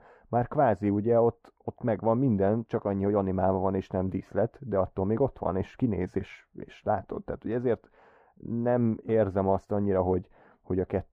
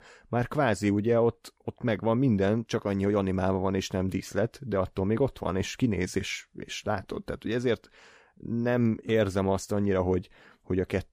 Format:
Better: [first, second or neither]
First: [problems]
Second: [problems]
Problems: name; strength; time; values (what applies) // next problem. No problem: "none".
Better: second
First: muffled; very; fading above 2.5 kHz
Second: none